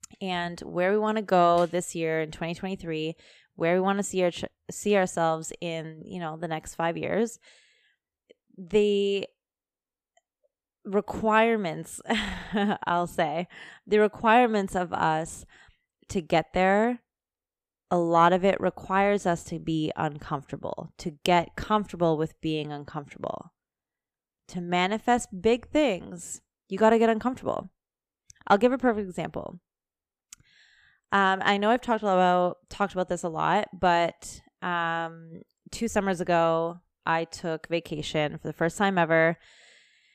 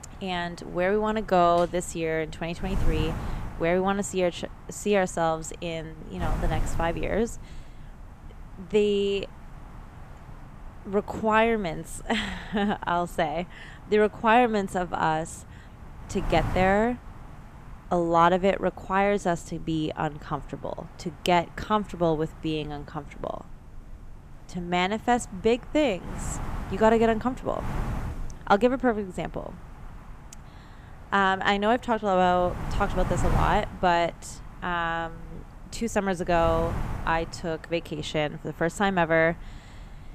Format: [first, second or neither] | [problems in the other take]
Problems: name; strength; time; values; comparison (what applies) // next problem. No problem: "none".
first | wind noise on the microphone; occasional gusts; 20 dB below the speech